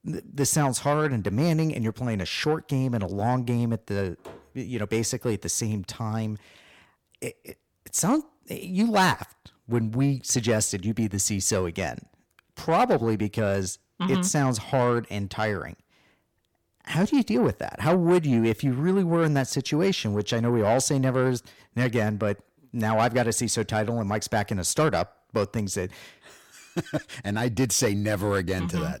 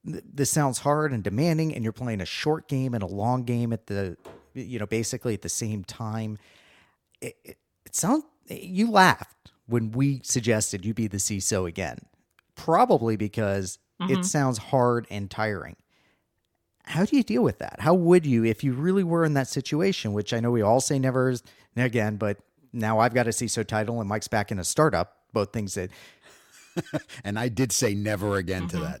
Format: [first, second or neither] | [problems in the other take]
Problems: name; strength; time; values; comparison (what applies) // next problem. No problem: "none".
second | distortion; slight; 10 dB below the speech